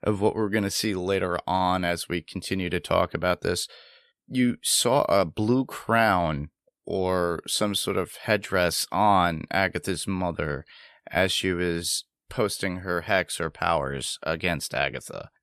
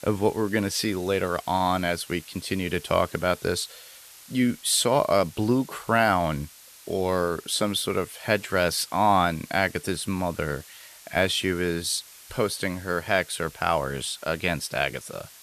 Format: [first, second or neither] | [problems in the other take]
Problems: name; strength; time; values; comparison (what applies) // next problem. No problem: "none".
first | hiss; noticeable; throughout; 20 dB below the speech